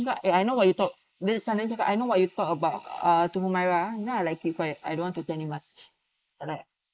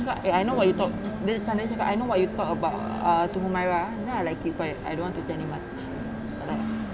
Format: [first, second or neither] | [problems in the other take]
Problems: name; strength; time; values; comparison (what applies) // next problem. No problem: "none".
second | noise reduction (neural mask model Resemble Enhance denoiser)